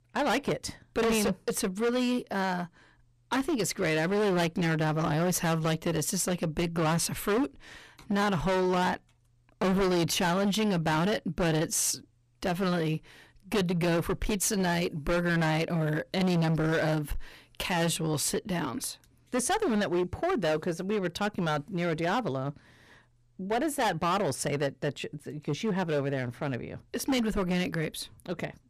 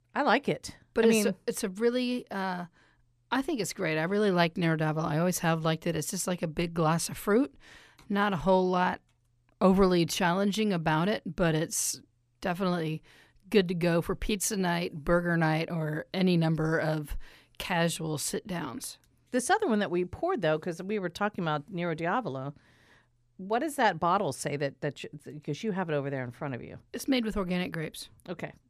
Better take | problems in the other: second | distortion; heavy; 16% of the sound clipped

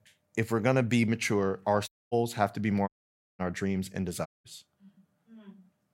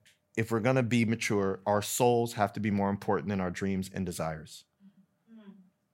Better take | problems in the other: second | audio cutting out; at 2 s, at 3 s for 0.5 s and at 4.5 s

